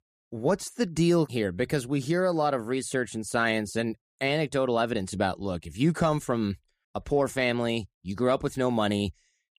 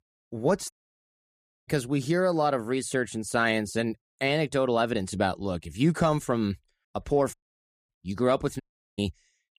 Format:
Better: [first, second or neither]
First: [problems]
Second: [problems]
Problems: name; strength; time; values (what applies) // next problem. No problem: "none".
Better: first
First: none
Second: audio cutting out; at 0.5 s for 1 s, at 7.5 s for 0.5 s and at 8.5 s